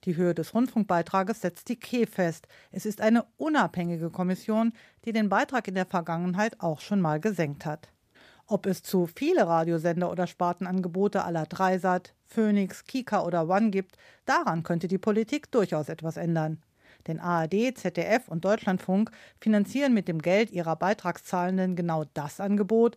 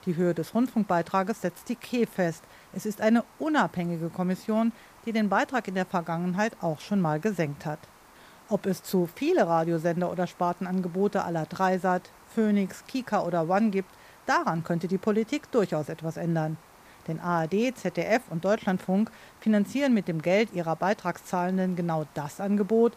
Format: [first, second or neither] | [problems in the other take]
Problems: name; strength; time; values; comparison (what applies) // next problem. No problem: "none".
first | hiss; faint; throughout; 25 dB below the speech